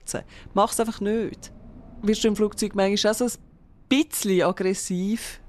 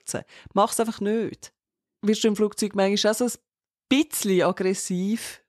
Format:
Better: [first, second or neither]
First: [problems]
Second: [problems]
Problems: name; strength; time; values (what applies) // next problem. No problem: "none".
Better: second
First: wind in the background; faint; throughout; 25 dB below the speech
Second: none